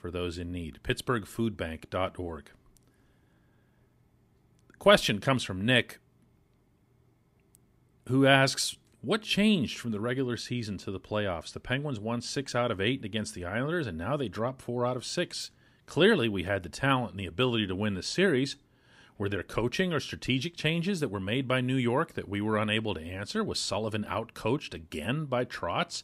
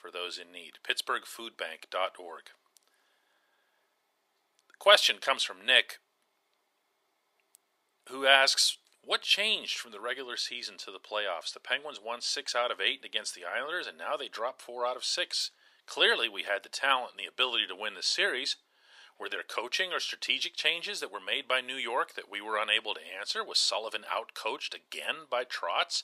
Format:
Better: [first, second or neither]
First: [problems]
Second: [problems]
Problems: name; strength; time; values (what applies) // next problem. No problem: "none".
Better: first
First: none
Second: thin; very; fading below 600 Hz